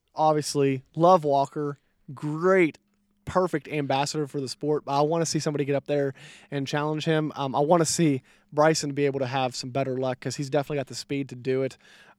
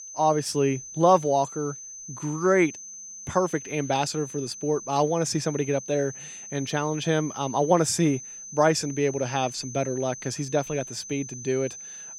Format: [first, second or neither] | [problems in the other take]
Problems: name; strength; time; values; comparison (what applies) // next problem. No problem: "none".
first | high-pitched whine; noticeable; throughout; 6 kHz, 10 dB below the speech